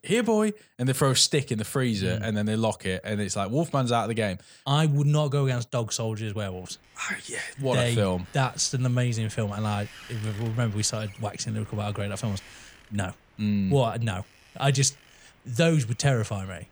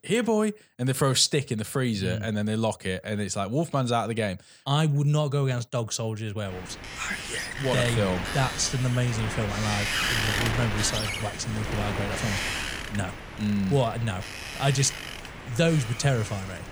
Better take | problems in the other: first | wind noise on the microphone; heavy; from 6.5 s on; 2 dB below the speech; occasional gusts in the first

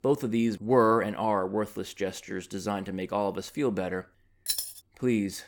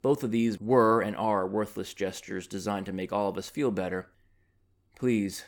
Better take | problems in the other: second | jangling keys; noticeable; at 4.5 s; peak 1 dB below the speech

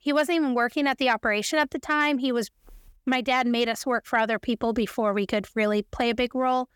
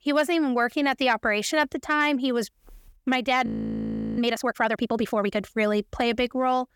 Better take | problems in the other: first | audio freezing; at 3.5 s for 0.5 s

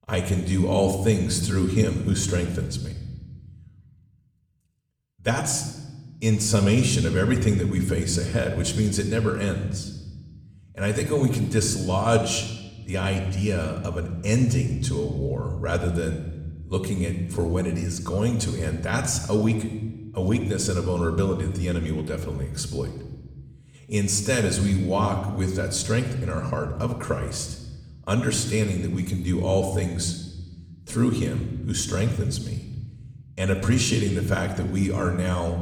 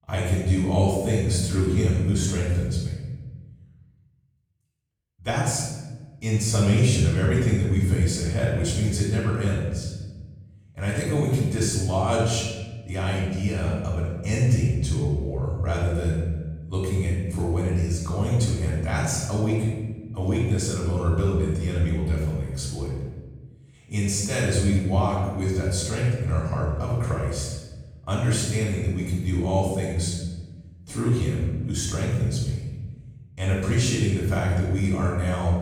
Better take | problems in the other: first | room echo; strong; dies away in 1.2 s; slight in the first // off-mic speech; far; somewhat distant in the first

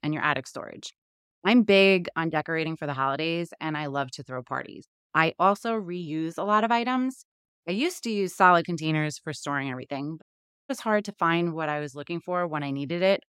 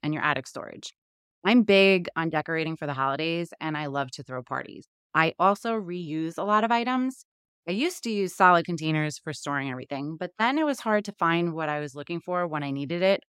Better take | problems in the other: second | audio cutting out; at 10 s

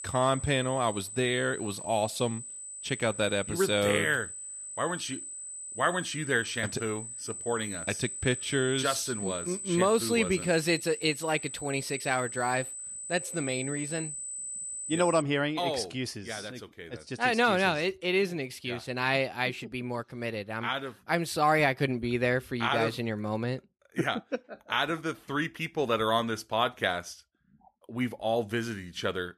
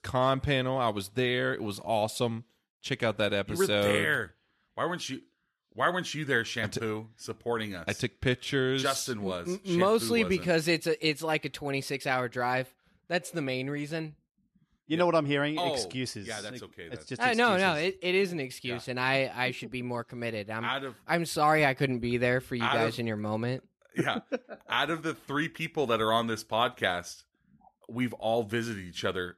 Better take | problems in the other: second | high-pitched whine; loud; until 15 s; 8 kHz, 8 dB below the speech

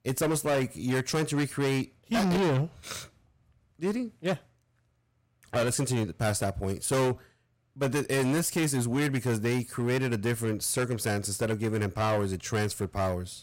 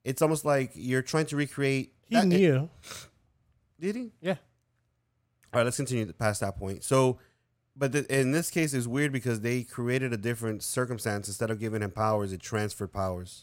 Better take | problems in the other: second | distortion; heavy; 13% of the sound clipped

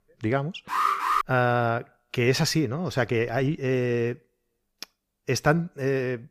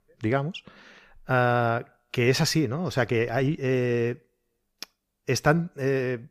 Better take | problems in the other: second | alarm; loud; at 0.5 s; peak 2 dB above the speech

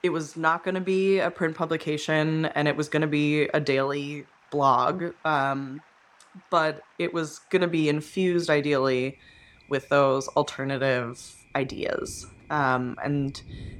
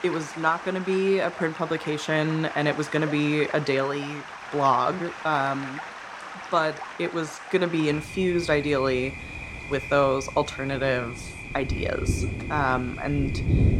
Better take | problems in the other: first | rain or running water; loud; throughout; 8 dB below the speech; faint in the first

